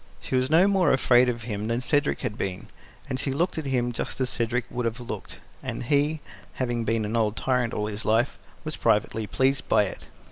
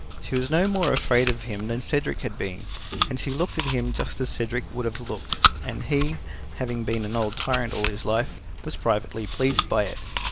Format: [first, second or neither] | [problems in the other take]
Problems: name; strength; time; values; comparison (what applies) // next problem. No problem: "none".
first | background sound (Chewing, mastication); 3 dB below the speech